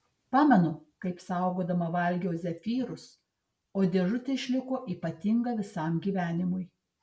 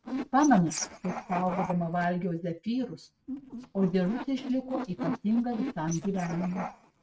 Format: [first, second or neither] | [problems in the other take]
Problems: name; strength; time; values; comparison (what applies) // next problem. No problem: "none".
first | noise reduction (neural mask model RNNoise)